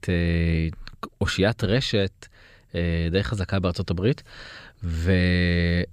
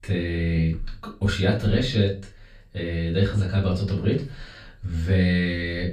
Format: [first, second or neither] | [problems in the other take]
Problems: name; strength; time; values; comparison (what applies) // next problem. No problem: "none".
first | room echo; slight; dies away in 0.3 s // off-mic speech; far